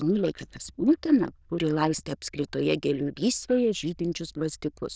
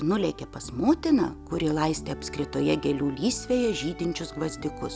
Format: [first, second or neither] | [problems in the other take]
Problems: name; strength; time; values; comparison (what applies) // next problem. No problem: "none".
second | noise reduction (neural diffusion model UNIVERSE++)